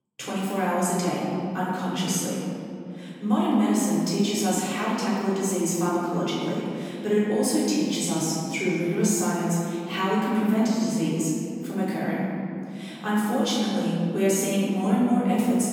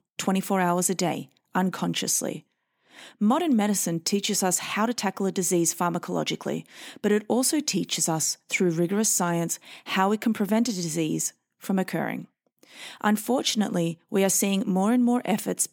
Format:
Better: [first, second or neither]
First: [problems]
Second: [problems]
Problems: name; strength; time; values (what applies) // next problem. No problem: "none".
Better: second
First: off-mic speech; far // room echo; strong; dies away in 2.9 s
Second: none